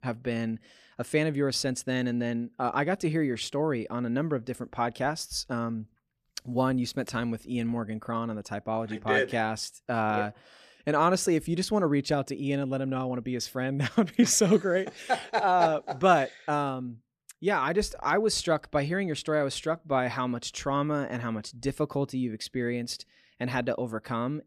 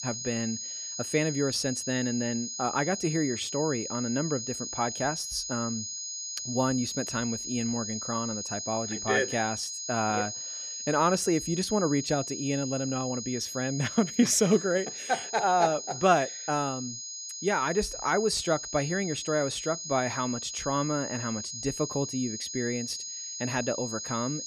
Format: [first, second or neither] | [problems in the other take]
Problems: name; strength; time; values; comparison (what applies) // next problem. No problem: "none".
first | high-pitched whine; loud; throughout; 6.5 kHz, 5 dB below the speech